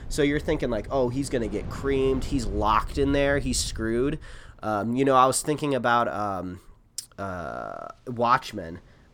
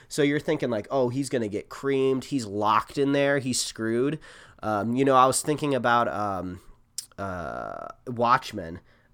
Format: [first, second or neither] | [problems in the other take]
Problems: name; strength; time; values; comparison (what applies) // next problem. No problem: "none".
second | wind in the background; noticeable; throughout; 15 dB below the speech